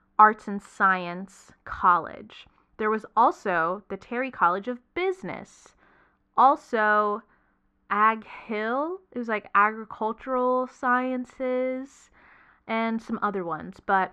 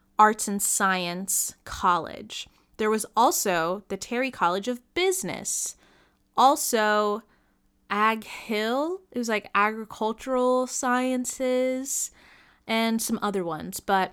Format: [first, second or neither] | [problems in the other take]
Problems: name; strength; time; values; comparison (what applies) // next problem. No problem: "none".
second | muffled; very; fading above 2 kHz